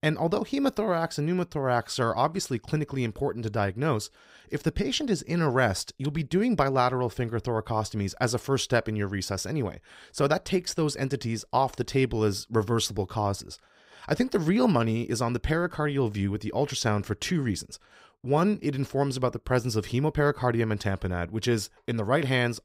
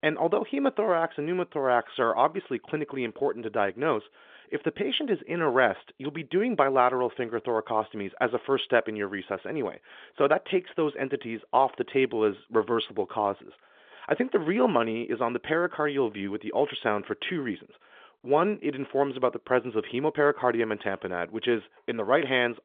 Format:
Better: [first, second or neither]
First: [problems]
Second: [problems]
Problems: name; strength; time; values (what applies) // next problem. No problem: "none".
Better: first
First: none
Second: phone-call audio; nothing above 3.5 kHz